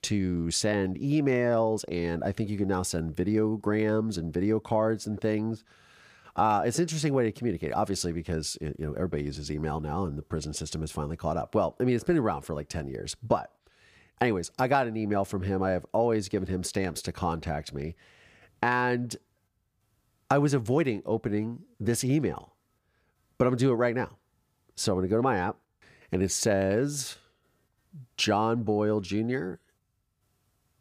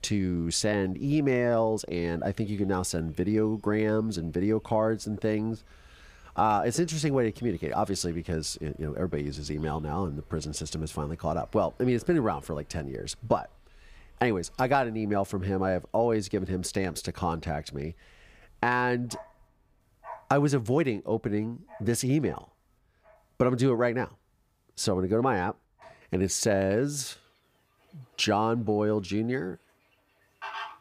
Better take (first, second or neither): first